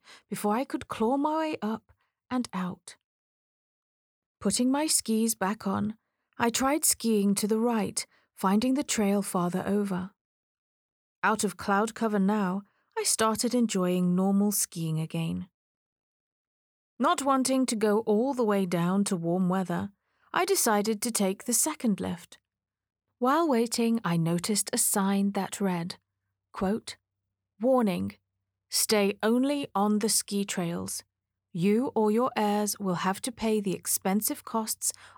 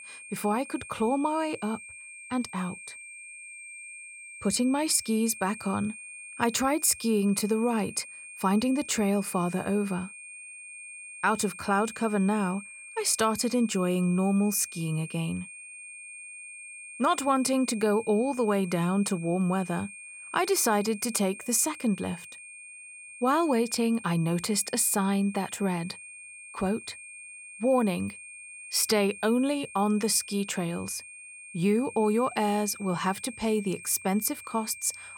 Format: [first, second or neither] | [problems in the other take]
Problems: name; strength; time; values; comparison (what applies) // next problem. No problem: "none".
first | high-pitched whine; noticeable; throughout; 2.5 kHz, 15 dB below the speech